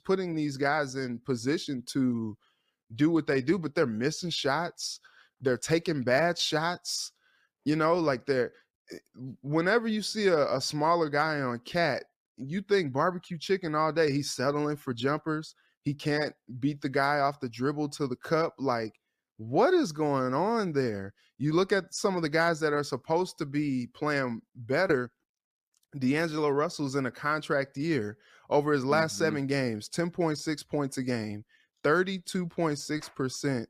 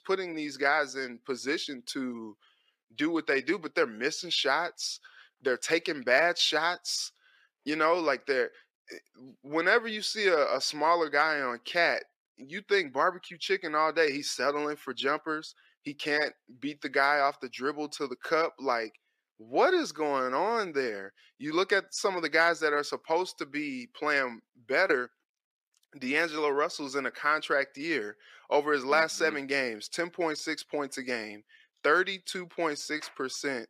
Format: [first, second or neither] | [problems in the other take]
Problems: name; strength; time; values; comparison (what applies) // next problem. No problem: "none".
first | thin; somewhat; fading below 400 Hz